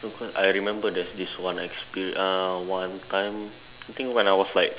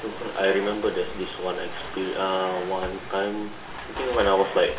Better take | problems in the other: first | background sound (Domestic sounds, home sounds); 11 dB below the speech // room echo; dies away in 0.3 s

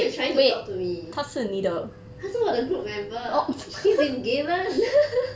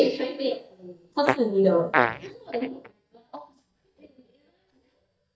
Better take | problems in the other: first | noise reduction (neural mask model DeepFilterNet 3)

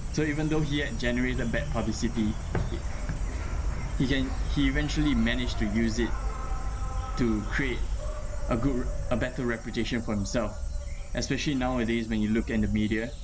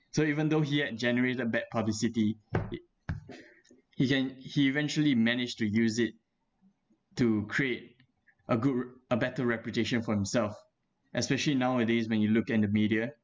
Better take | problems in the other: second | background sound (Insect); 1 dB below the speech

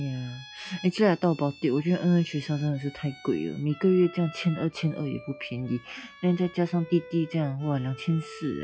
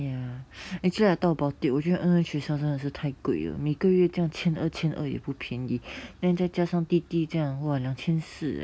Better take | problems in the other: second | noise reduction (classical method log-MMSE)

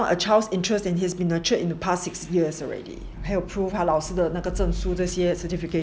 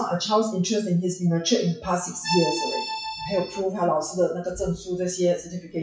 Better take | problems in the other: first | noise reduction (classical method WPE with log-MMSE)

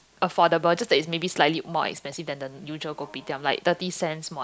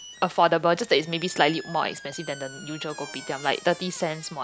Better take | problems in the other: first | background sound (Squeak); 18 dB below the speech

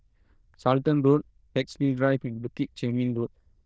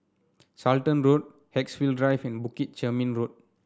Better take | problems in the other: second | noise reduction (neural diffusion model UNIVERSE++)

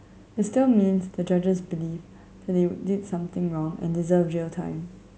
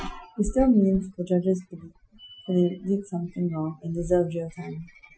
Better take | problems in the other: first | noise reduction (classical method Wiener filter)

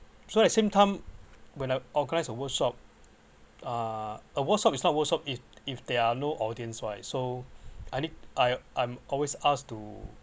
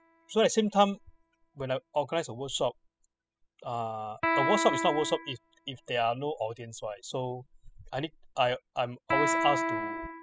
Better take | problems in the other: first | noise reduction (classical method spectral subtraction)

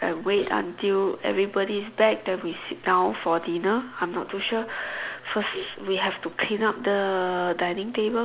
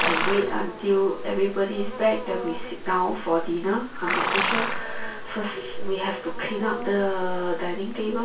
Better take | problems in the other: first | background sound (Livestock, farm animals, working animals); 7 dB below the speech // room echo; dies away in 0.2 s

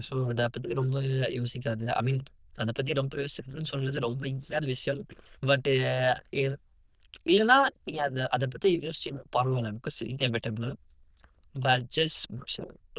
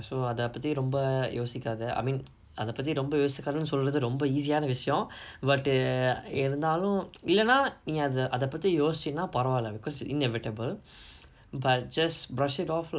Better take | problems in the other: second | noise reduction (neural diffusion model UNIVERSE++)

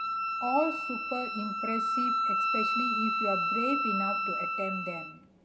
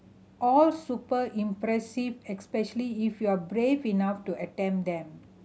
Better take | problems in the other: second | background sound (Wind instrument, woodwind instrument); 4 dB above the speech // room echo; dies away in 0.7 s

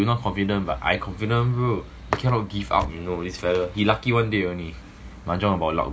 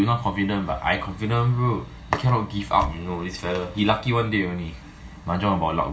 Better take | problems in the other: first | room echo; dies away in 0.4 s

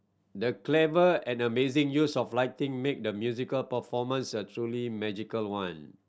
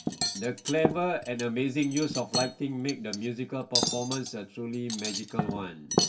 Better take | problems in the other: first | background sound (Cutlery, silverware); 2 dB below the speech // room echo; dies away in 0.2 s

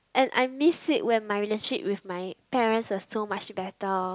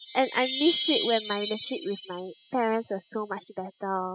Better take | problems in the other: first | noise reduction (classical method spectral subtraction)

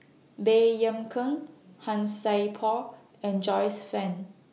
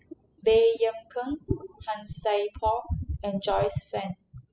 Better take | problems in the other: first | noise reduction (classical method spectral subtraction)

